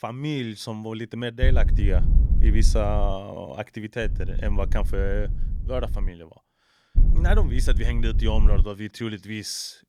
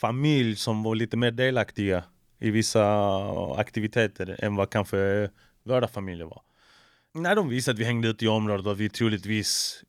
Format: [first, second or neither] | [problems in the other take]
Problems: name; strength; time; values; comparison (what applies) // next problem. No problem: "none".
second | wind noise on the microphone; occasional gusts; from 1.5 to 3 s, from 4 to 6 s and from 7 to 8.5 s; 10 dB below the speech